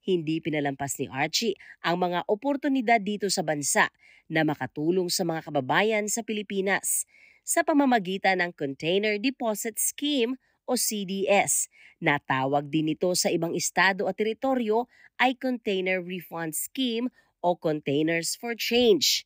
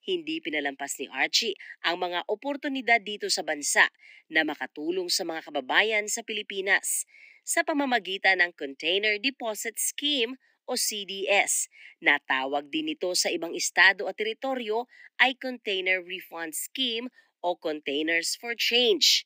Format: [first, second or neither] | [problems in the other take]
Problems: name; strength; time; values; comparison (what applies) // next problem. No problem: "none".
first | thin; very slightly; fading below 250 Hz